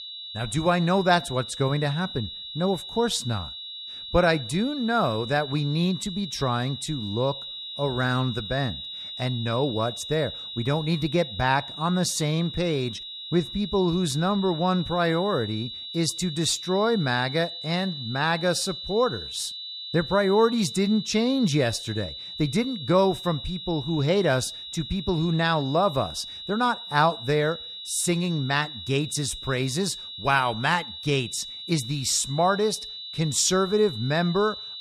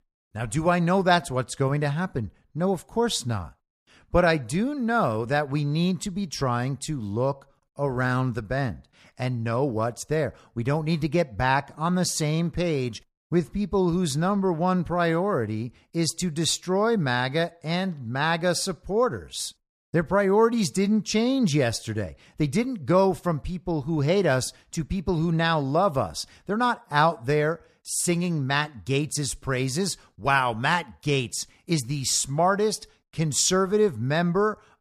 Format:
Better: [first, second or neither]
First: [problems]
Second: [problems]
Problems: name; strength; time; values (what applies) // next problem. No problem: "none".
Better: second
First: high-pitched whine; loud; throughout; 4 kHz, 9 dB below the speech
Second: none